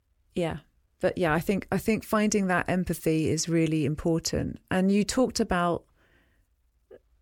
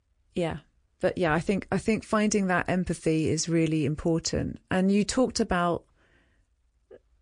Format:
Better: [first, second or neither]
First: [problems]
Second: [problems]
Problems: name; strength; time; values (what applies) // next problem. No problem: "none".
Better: first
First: none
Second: garbled, watery; slightly; nothing above 8 kHz